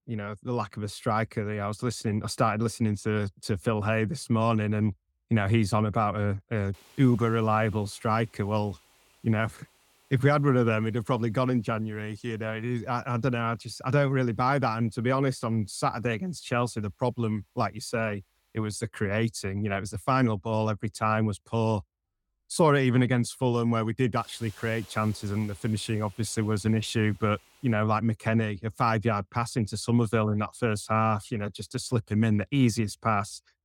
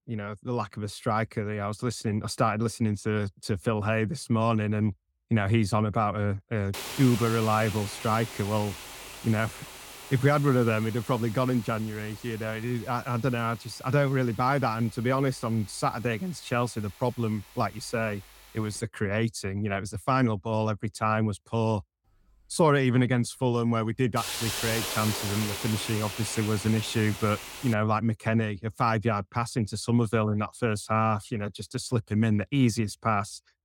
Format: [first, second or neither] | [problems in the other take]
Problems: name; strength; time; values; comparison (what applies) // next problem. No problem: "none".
first | hiss; loud; from 6.5 to 19 s and from 22 to 28 s; 9 dB below the speech; faint in the first